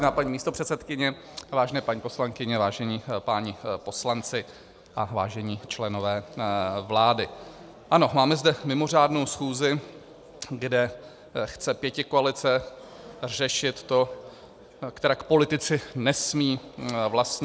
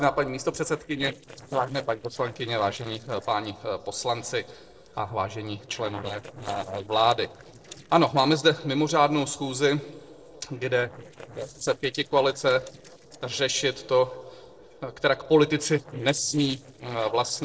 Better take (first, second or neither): first